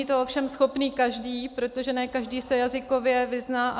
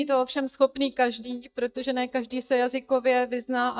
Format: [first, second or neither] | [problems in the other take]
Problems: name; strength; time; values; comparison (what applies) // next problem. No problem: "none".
first | noise reduction (neural mask model DeepFilterNet 3)